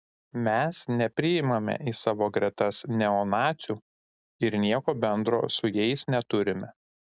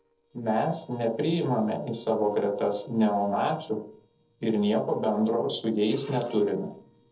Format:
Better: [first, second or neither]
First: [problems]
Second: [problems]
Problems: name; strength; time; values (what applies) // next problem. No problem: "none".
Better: first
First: none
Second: noise reduction (neural separator model SepFormer DNS4)